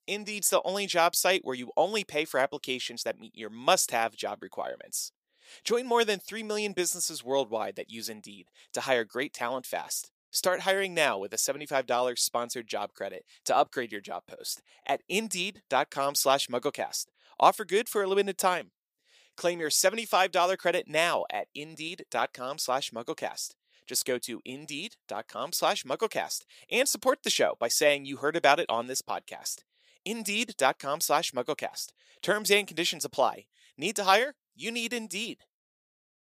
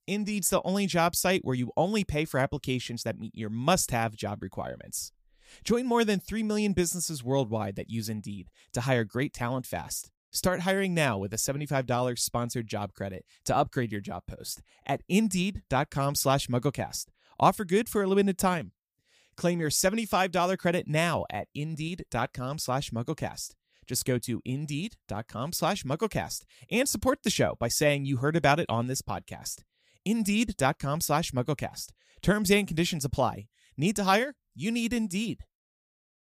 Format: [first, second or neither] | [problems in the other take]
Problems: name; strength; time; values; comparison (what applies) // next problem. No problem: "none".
second | thin; somewhat; fading below 450 Hz